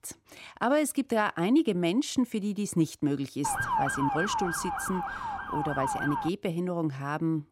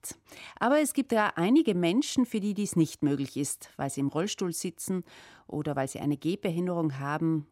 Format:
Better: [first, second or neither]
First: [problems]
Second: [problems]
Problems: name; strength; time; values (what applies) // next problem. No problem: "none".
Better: second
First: siren; loud; from 3.5 to 6.5 s; peak 1 dB above the speech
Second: none